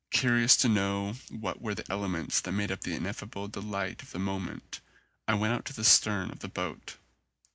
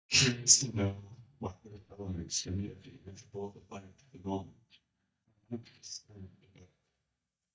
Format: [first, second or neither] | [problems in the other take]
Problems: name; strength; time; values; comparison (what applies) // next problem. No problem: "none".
first | noise reduction (neural mask model DeepFilterNet 3)